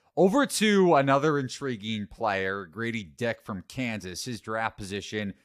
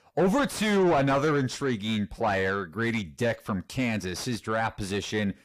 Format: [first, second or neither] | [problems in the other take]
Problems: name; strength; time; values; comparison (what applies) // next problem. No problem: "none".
first | distortion; heavy; 7 dB below the speech